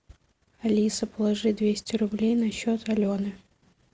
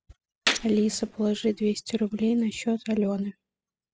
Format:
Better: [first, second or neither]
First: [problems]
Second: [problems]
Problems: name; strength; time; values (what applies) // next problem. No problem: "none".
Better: first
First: none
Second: noise reduction (classical method spectral subtraction)